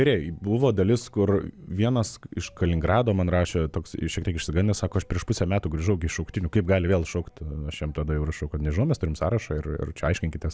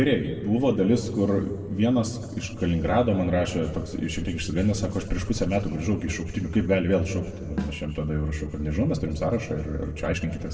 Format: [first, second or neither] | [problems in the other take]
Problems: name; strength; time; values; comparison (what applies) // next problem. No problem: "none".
first | background sound (Snare drum); 9 dB below the speech // room echo; dies away in 1.5 s